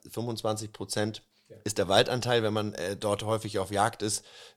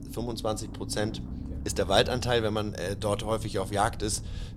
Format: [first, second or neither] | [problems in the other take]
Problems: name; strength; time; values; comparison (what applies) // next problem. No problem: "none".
first | low rumble; noticeable; throughout; 20 dB below the speech